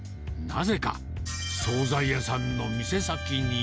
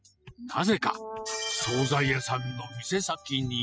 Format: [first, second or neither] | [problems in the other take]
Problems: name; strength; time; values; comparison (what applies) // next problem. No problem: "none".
first | noise reduction (classical method spectral subtraction)